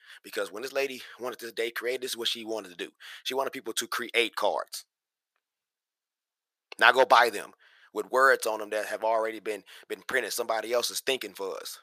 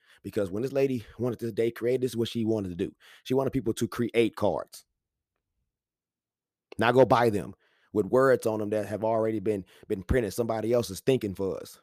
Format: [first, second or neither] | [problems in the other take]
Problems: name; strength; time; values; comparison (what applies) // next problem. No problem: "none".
second | thin; very; fading below 850 Hz